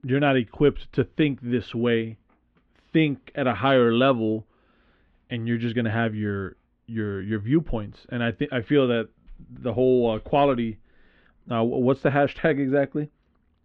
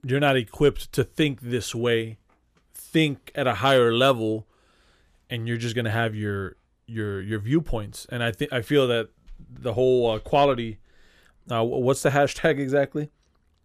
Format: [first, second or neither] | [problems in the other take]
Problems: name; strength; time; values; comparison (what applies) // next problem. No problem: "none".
second | muffled; very; fading above 3 kHz